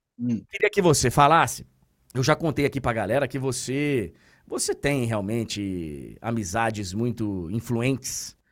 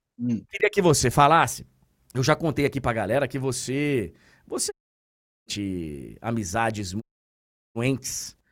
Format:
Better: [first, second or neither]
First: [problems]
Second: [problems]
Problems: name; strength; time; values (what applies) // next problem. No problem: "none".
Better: first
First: none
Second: audio cutting out; at 4.5 s for 0.5 s and at 7 s for 0.5 s